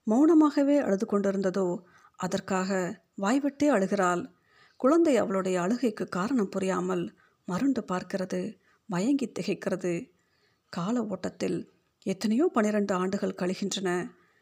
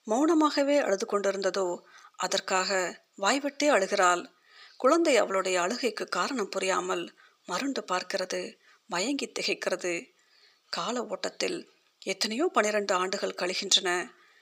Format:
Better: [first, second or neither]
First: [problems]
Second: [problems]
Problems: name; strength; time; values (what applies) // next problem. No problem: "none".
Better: first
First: none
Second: thin; somewhat; fading below 450 Hz